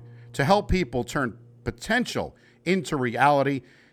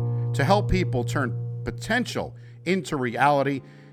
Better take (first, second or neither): first